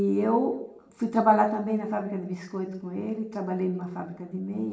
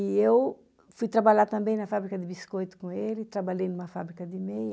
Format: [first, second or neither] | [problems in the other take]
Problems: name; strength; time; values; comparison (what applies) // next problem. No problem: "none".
second | room echo; dies away in 0.8 s